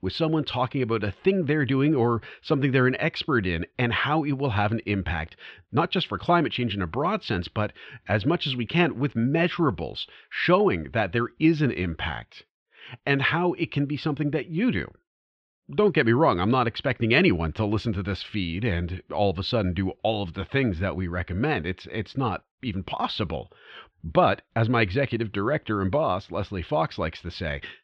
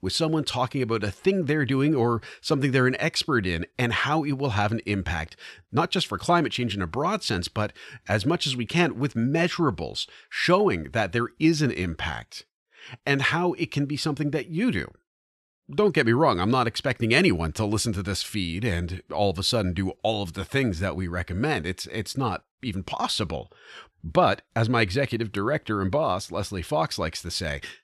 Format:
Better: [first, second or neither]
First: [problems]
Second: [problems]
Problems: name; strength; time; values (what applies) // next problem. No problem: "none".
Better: second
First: muffled; slightly; fading above 3.5 kHz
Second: none